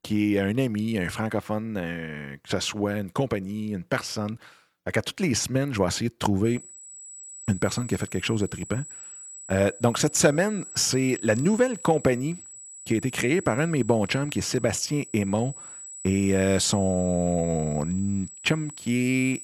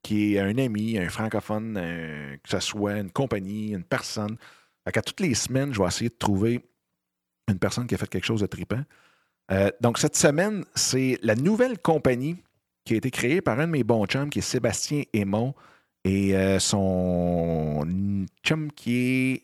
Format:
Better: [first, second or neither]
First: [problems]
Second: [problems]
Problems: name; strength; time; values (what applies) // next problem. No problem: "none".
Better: second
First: high-pitched whine; noticeable; from 6.5 s on; 8 kHz, 15 dB below the speech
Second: none